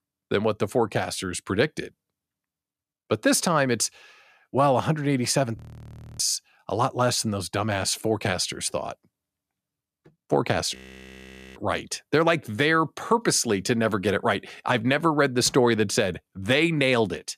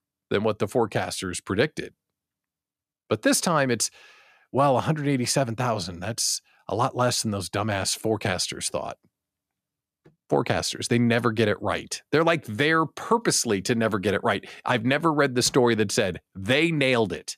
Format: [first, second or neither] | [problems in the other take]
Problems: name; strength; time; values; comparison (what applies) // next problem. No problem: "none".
second | audio freezing; at 5.5 s for 0.5 s and at 11 s for 1 s